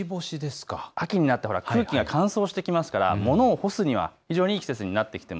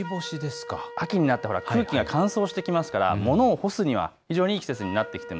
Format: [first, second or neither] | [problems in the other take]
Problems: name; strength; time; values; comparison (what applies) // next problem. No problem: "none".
first | background sound (Wind instrument, woodwind instrument); 16 dB below the speech